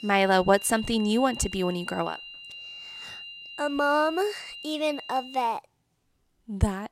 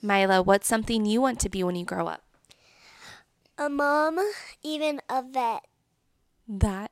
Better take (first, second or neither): second